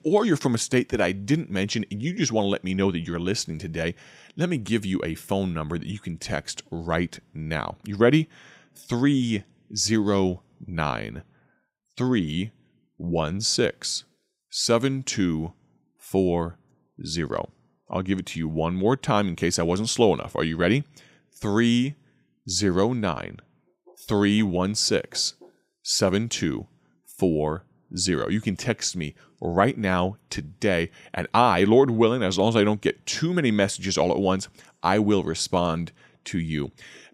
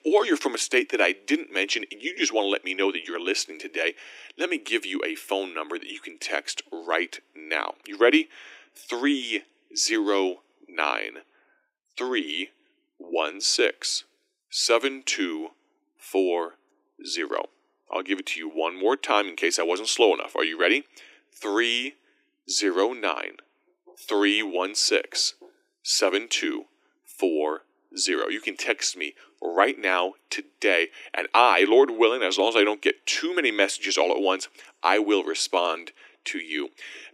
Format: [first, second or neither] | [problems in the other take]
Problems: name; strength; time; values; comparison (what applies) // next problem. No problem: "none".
first | thin; somewhat; fading below 300 Hz